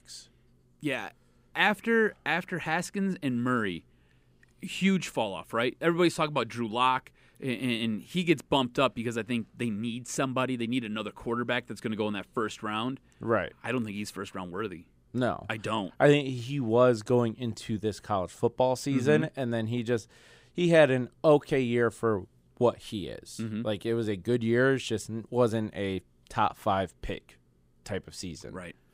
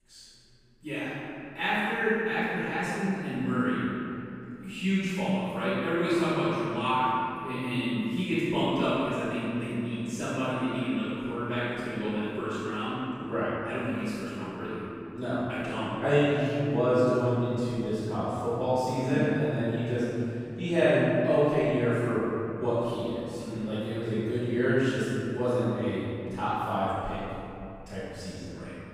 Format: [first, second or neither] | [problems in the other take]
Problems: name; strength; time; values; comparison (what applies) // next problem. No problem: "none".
first | off-mic speech; far // room echo; strong; dies away in 2.8 s